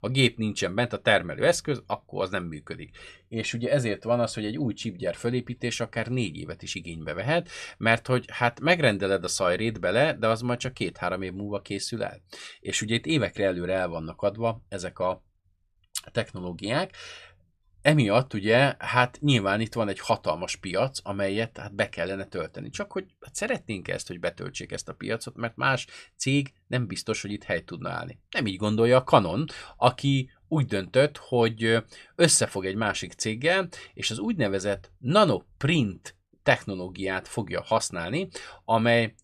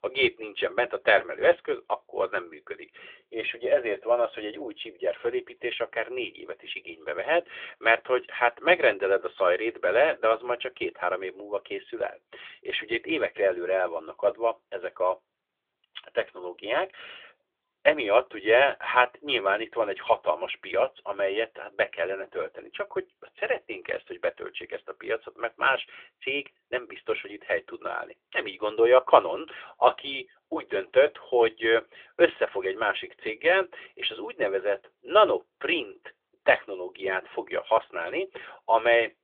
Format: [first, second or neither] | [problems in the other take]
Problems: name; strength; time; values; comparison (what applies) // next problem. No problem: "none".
first | phone-call audio; nothing above 3.5 kHz